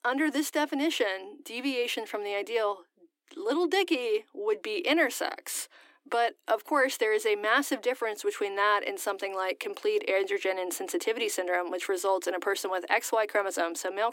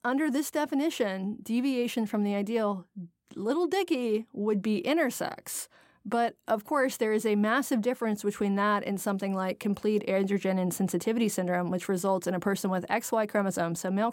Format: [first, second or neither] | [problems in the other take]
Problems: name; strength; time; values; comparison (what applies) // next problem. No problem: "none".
second | thin; somewhat; fading below 300 Hz